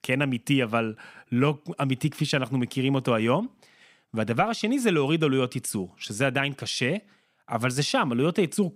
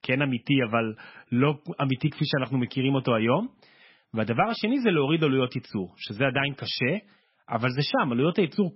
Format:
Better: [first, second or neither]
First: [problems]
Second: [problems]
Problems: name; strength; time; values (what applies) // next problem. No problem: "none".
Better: first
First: none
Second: garbled, watery; badly; nothing above 5.5 kHz